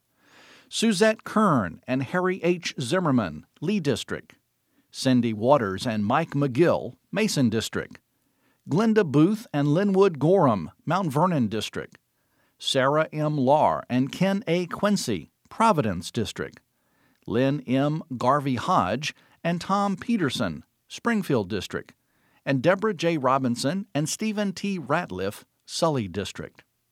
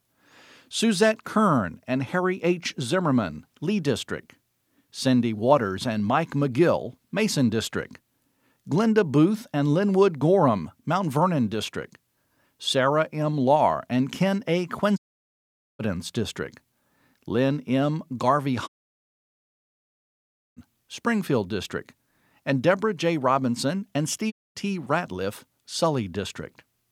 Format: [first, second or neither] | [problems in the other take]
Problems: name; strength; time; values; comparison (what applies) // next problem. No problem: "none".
first | audio cutting out; at 15 s for 1 s, at 19 s for 2 s and at 24 s